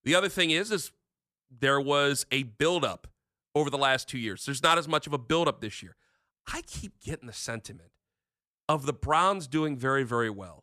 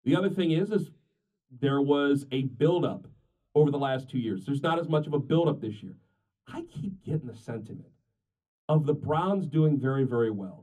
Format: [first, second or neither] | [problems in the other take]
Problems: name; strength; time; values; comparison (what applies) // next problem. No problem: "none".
first | room echo; slight; dies away in 0.3 s // off-mic speech; far